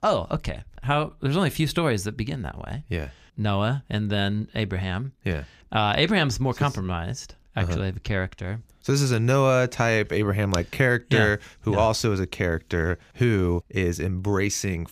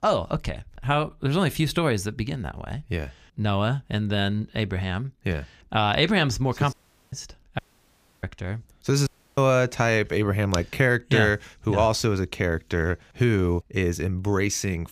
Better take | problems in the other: first | audio cutting out; at 6.5 s, at 7.5 s for 0.5 s and at 9 s

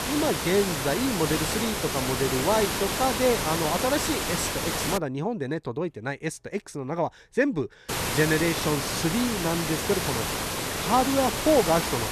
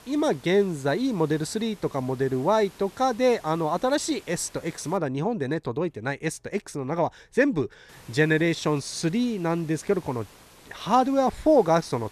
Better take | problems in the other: second | hiss; loud; until 5 s and from 8 s on; 1 dB below the speech; faint in the second

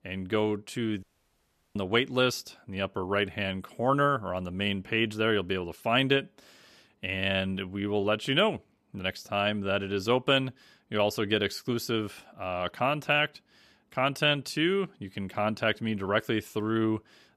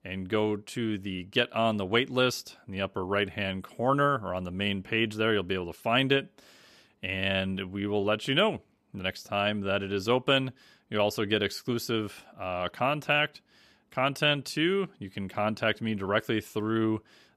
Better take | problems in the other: second | audio cutting out; at 1 s for 0.5 s

